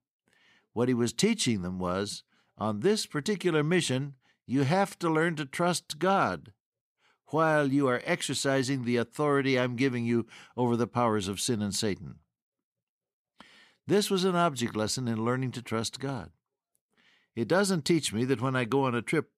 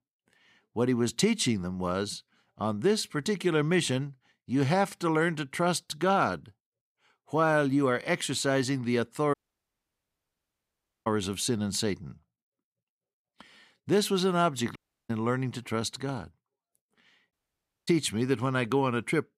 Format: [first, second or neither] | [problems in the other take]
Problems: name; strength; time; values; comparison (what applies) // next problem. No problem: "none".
first | audio cutting out; at 9.5 s for 1.5 s, at 15 s and at 17 s for 0.5 s